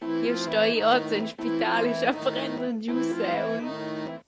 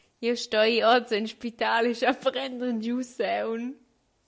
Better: second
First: background sound (Accordion); 3 dB below the speech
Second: none

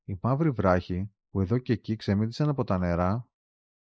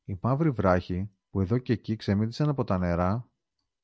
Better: second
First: noise reduction (neural mask model Resemble Enhance denoiser)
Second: none

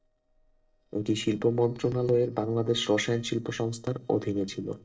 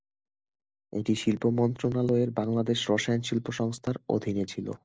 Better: second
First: noise reduction (neural separator model SepFormer DNS4)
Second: none

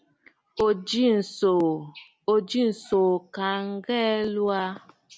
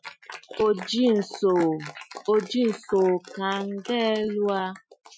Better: first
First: none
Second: noise reduction (classical method Wiener filter)

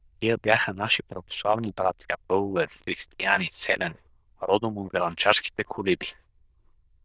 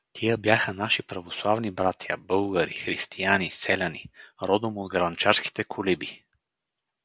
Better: second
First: noise reduction (neural diffusion model UNIVERSE++)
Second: none

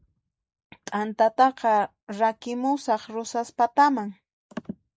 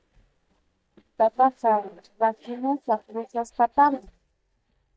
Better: first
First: none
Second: noise reduction (neural mask model DeepFilterNet 3)

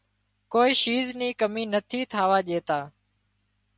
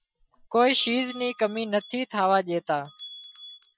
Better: first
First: none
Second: noise reduction (classical method Wiener filter)

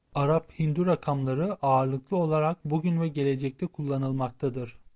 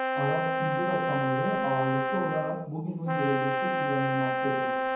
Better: first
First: none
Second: background sound (Brass instrument); 3 dB above the speech // room echo; dies away in 1.2 s

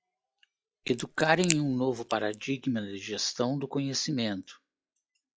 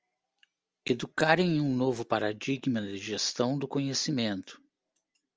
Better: second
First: noise reduction (classical method log-MMSE)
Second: none

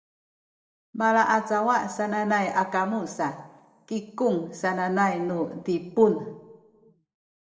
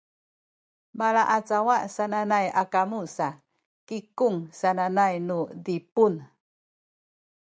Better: second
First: room echo; dies away in 0.8 s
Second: none

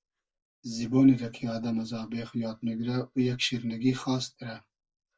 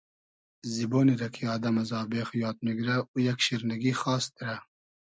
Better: second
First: noise reduction (neural mask model DeepFilterNet 3)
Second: none

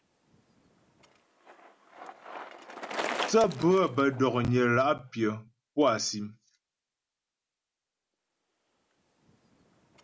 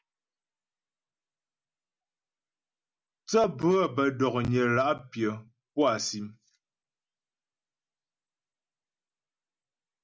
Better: second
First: background sound (Bicycle); 13 dB below the speech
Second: none

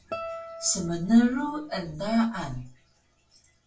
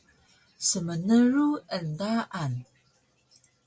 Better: second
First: background sound (Guitar); 16 dB below the speech // room echo; dies away in 0.3 s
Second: none

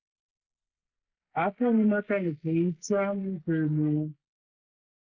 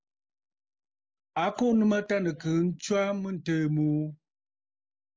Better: second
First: noise reduction (neural mask model Resemble Enhance denoiser)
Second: none

